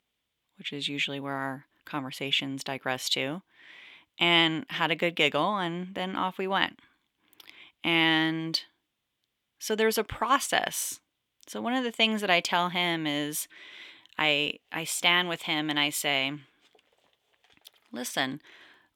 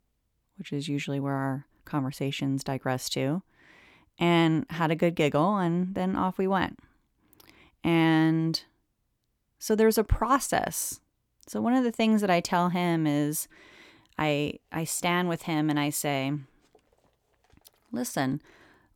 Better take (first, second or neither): second